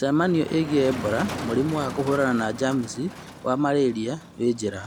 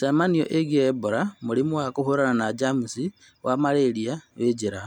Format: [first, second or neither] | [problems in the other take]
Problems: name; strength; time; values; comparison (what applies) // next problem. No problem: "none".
second | background sound (Motor vehicle (road)); 12 dB below the speech